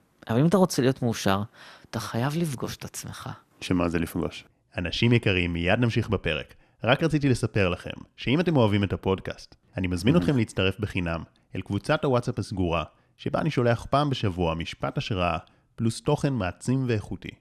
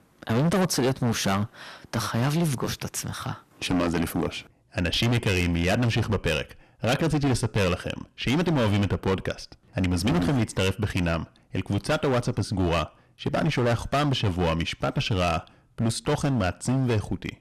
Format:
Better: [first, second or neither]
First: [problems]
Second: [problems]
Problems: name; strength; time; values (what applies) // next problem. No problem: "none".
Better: first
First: none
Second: distortion; heavy; 16% of the sound clipped